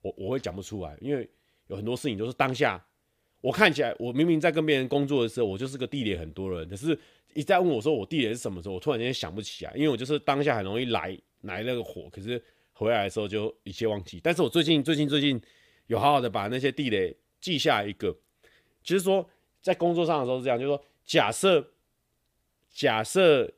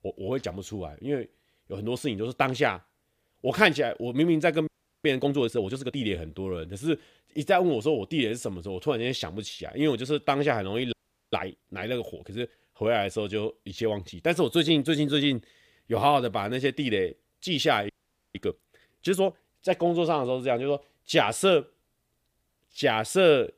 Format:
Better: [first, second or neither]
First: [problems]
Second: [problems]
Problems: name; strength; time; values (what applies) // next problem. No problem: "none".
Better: first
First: none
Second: audio freezing; at 4.5 s, at 11 s and at 18 s